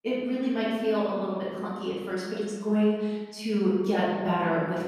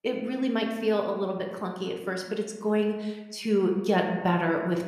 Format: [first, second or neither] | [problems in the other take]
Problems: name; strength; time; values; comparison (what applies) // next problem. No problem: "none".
second | room echo; strong; dies away in 1.5 s; slight in the second // off-mic speech; far